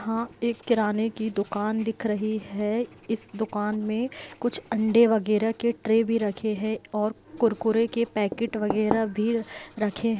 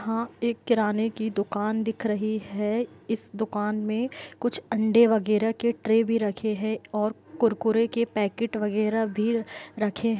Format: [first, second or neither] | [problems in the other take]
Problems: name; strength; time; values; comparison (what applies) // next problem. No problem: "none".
second | background sound (Writing); 16 dB below the speech